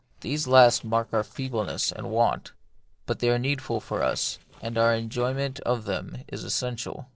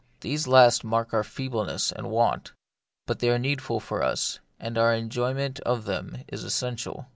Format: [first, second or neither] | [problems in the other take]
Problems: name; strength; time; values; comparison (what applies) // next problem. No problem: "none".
second | noise reduction (neural separator model SepFormer DNS4)